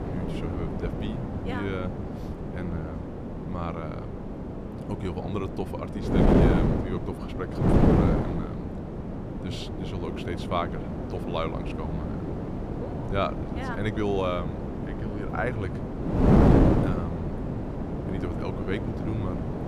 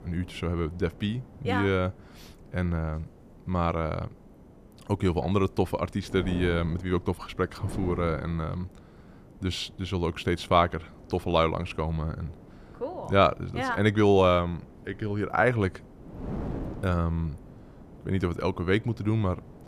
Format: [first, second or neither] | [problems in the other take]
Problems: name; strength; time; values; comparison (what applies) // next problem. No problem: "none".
second | wind noise on the microphone; heavy; 2 dB above the speech; occasional gusts in the second